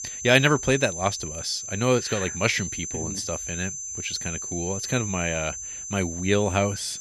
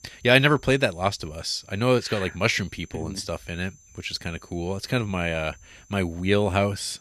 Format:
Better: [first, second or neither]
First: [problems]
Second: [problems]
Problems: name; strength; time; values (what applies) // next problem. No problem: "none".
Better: second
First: high-pitched whine; loud; throughout; 6 kHz, 6 dB below the speech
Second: high-pitched whine; faint; throughout; 6 kHz, 25 dB below the speech